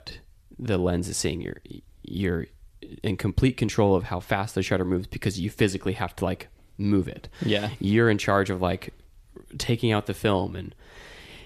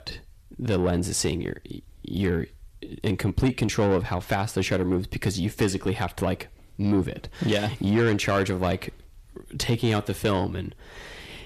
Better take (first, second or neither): first